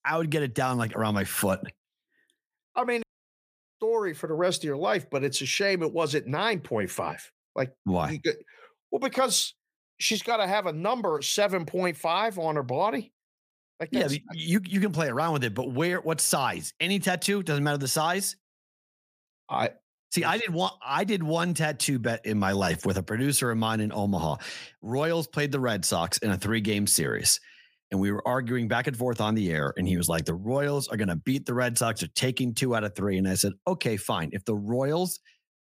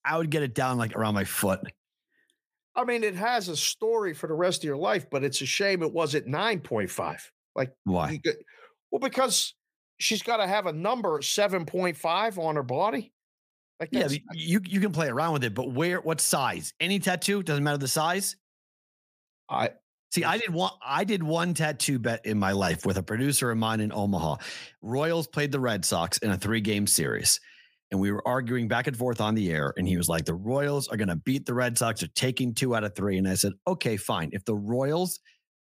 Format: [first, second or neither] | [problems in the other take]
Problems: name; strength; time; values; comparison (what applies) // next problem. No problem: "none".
second | audio cutting out; at 3 s for 1 s